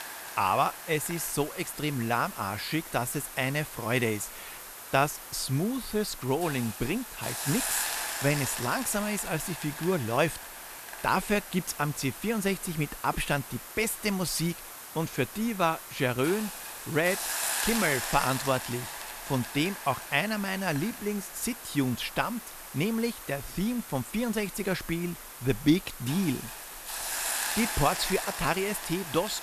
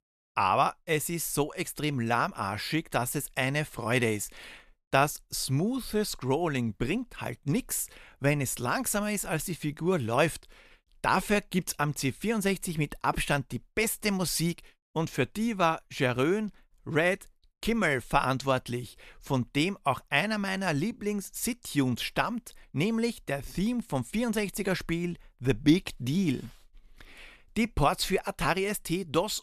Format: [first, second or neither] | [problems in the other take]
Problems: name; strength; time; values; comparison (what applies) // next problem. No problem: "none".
second | hiss; loud; throughout; 6 dB below the speech